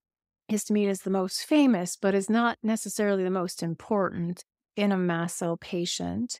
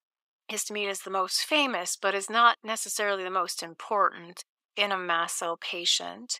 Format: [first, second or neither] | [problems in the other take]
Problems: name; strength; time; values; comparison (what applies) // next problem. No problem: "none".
first | thin; very; fading below 650 Hz